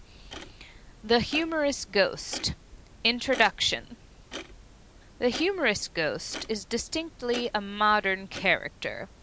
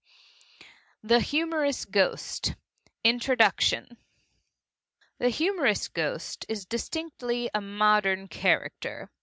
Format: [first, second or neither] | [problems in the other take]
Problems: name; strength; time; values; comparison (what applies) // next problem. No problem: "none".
second | background sound (Clock); 16 dB below the speech